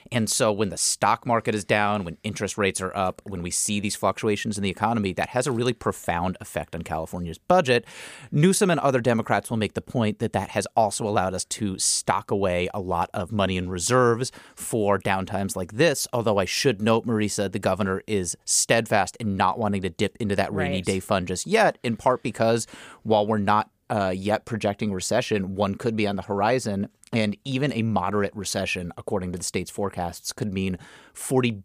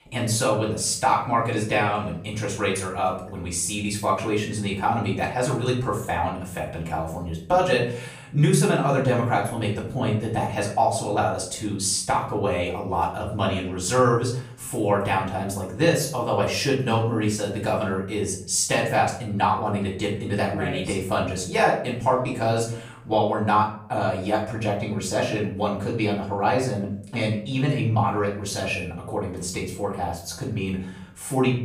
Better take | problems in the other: first | off-mic speech; far // room echo; slight; dies away in 0.5 s

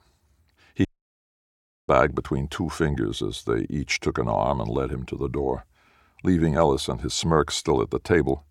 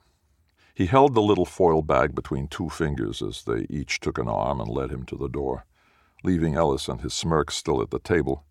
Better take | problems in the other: second | audio cutting out; at 1 s for 1 s

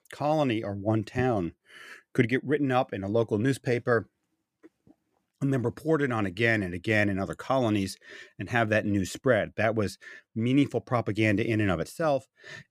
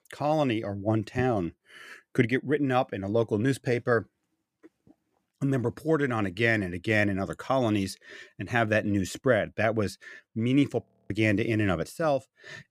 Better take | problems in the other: first | audio freezing; at 11 s

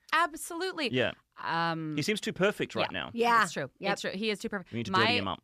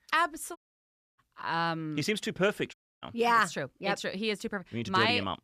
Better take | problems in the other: first | audio cutting out; at 0.5 s for 0.5 s and at 2.5 s

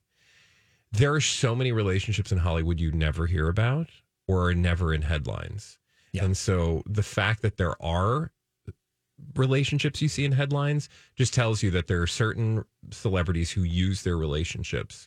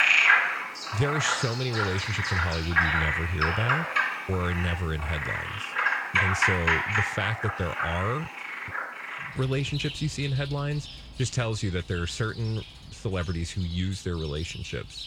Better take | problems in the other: first | animal sounds; very loud; throughout; 4 dB above the speech

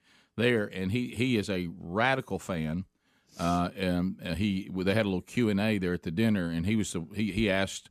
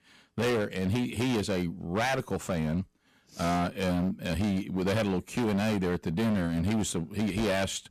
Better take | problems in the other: first | distortion; heavy; 22% of the sound clipped

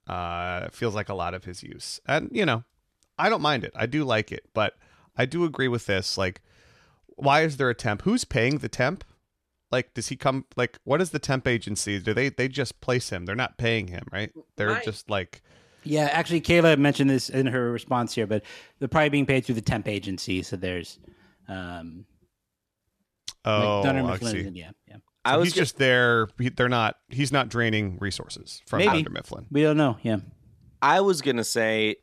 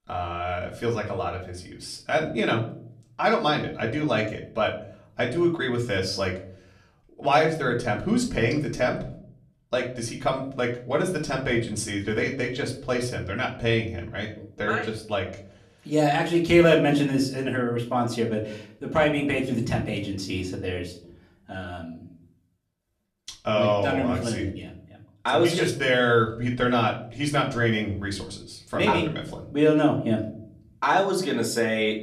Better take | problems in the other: first | room echo; slight; dies away in 0.4 s // off-mic speech; far

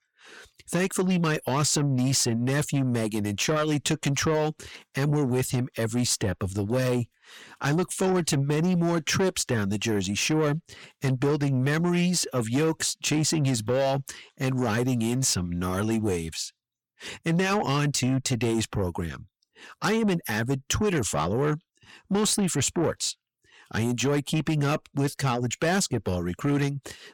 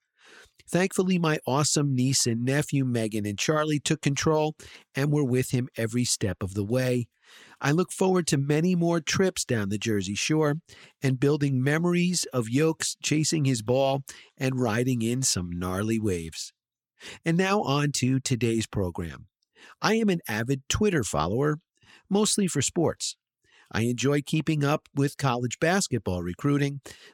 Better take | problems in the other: second | distortion; slight; 10 dB below the speech

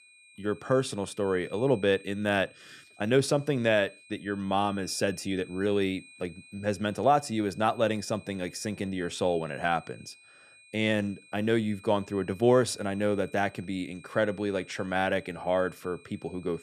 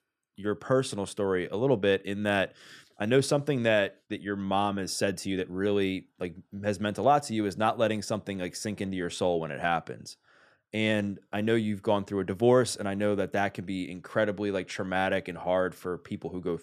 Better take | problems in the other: second | high-pitched whine; faint; throughout; 2.5 kHz, 25 dB below the speech

